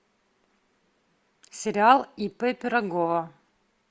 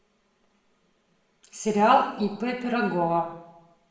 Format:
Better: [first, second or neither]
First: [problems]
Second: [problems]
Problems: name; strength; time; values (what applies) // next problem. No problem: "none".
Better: first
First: none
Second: room echo; dies away in 0.8 s